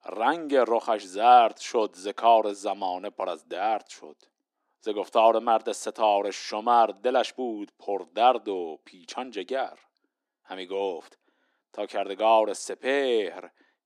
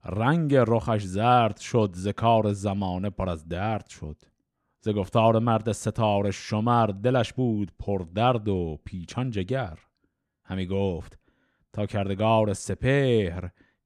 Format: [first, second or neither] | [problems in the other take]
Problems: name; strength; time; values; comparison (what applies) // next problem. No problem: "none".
second | thin; very; fading below 300 Hz